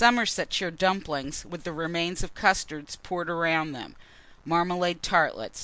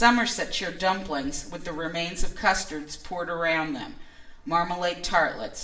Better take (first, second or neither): first